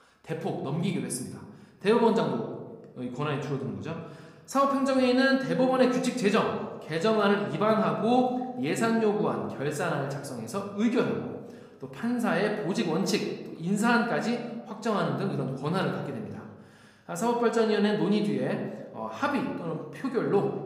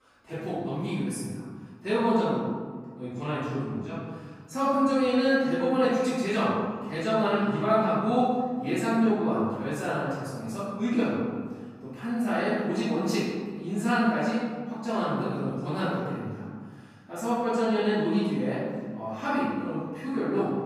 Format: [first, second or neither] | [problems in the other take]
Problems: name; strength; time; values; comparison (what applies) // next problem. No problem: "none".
first | room echo; strong; dies away in 1.6 s; slight in the first // off-mic speech; far